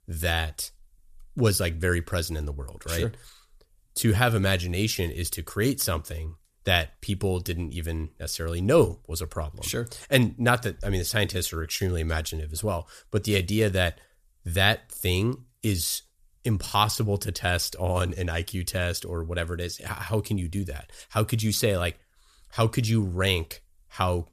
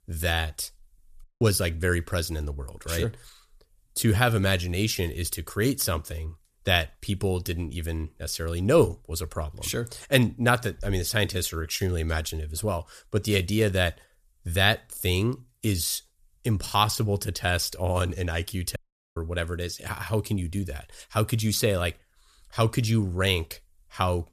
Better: first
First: none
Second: audio cutting out; at 1 s and at 19 s

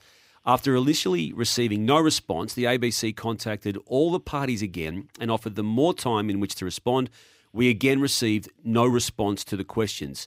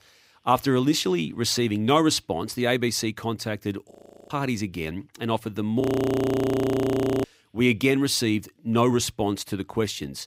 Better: first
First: none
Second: audio freezing; at 4 s and at 6 s for 1.5 s

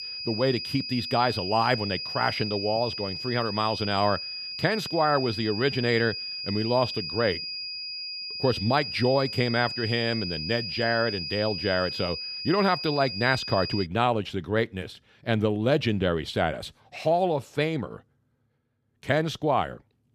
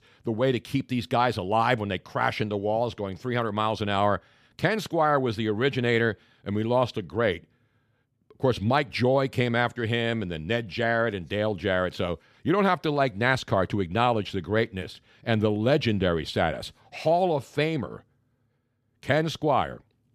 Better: second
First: high-pitched whine; loud; until 14 s; 5 kHz, 5 dB below the speech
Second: none

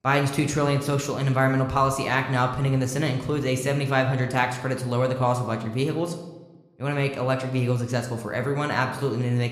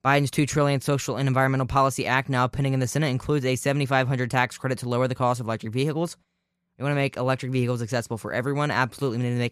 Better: second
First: room echo; slight; dies away in 0.8 s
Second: none

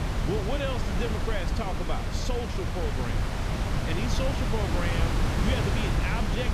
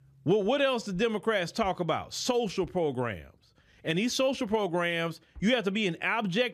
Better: second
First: wind noise on the microphone; heavy; 1 dB above the speech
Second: none

